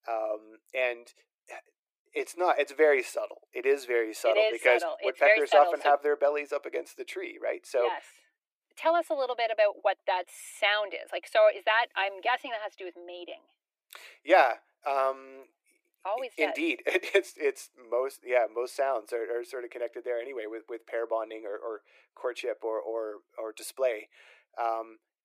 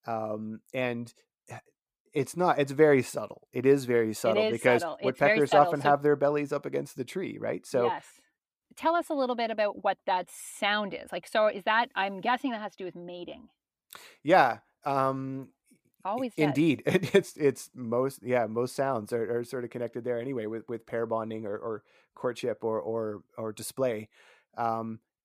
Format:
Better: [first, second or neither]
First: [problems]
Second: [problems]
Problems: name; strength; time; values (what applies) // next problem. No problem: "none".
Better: second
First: thin; very; fading below 350 Hz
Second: none